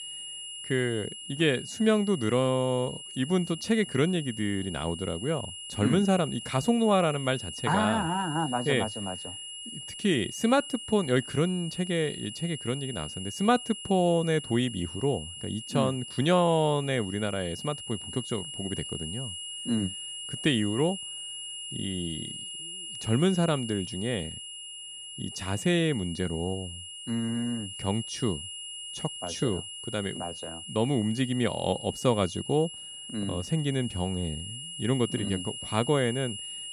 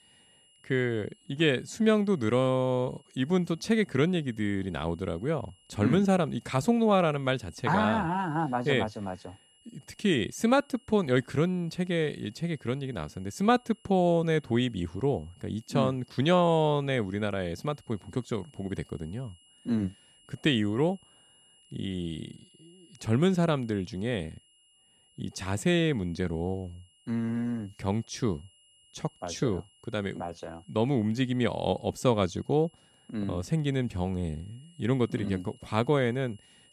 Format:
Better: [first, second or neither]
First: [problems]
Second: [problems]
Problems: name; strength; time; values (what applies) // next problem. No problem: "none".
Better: second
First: high-pitched whine; loud; throughout; 3 kHz, 9 dB below the speech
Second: high-pitched whine; faint; throughout; 3 kHz, 30 dB below the speech